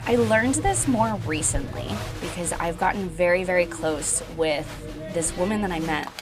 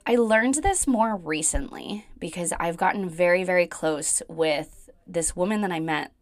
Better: second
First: crowd noise; noticeable; throughout; 10 dB below the speech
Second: none

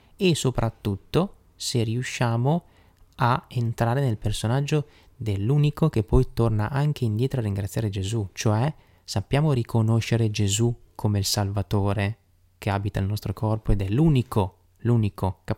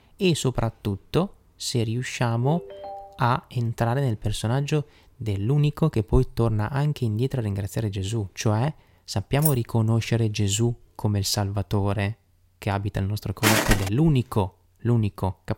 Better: first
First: none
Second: phone ringing; faint; at 2.5 s; peak 15 dB below the speech // jangling keys; noticeable; at 9.5 s; peak 2 dB below the speech // footsteps; loud; at 13 s; peak 5 dB above the speech

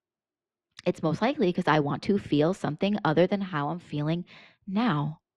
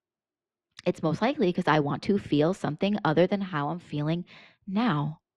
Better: neither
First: muffled; very slightly; fading above 3 kHz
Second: muffled; very slightly; fading above 3 kHz

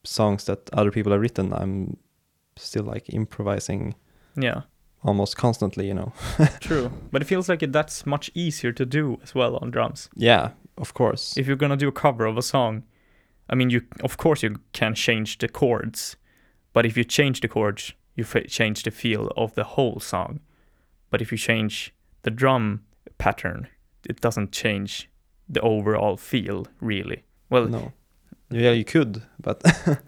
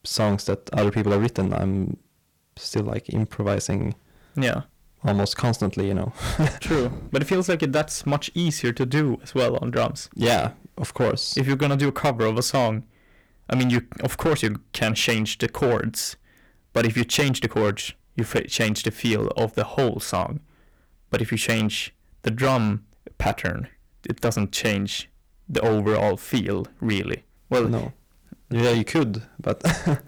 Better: first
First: none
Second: distortion; heavy; 8% of the sound clipped

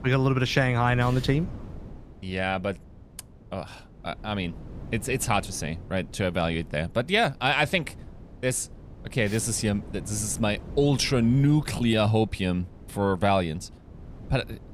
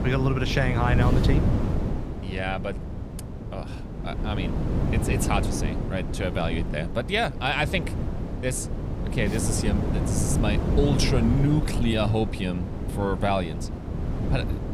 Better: first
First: wind noise on the microphone; occasional gusts; 25 dB below the speech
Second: wind noise on the microphone; heavy; 7 dB below the speech

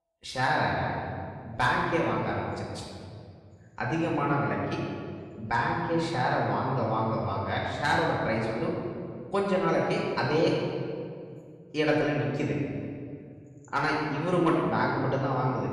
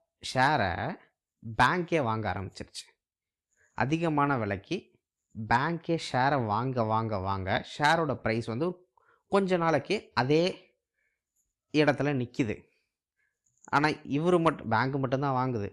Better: second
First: off-mic speech; far // room echo; noticeable; dies away in 1.9 s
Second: none

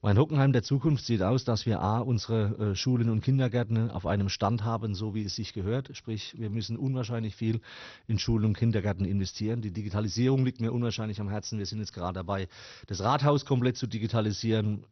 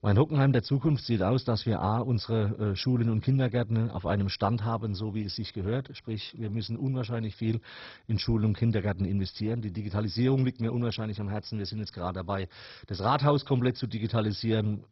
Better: first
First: garbled, watery; slightly; nothing above 6 kHz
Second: garbled, watery; badly; nothing above 5.5 kHz

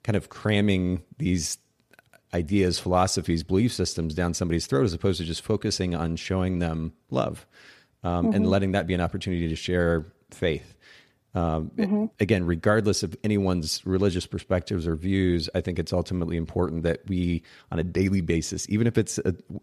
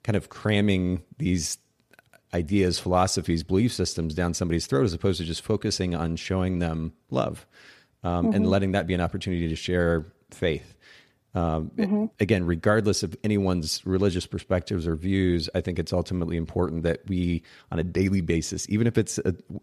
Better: neither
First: none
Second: none

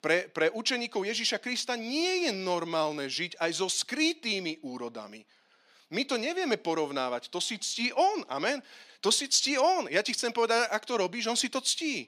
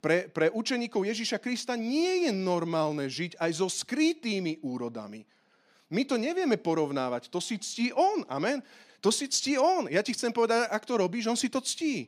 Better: second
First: thin; very slightly; fading below 1 kHz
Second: none

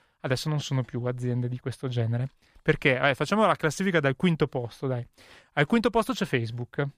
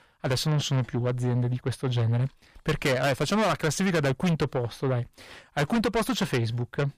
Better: first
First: none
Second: distortion; heavy; 6 dB below the speech

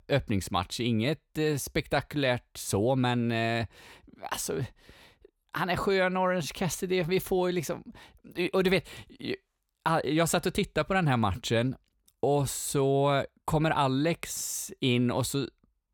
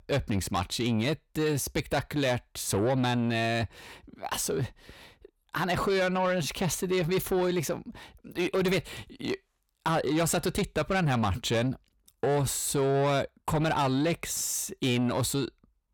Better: first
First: none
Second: distortion; slight; 10 dB below the speech

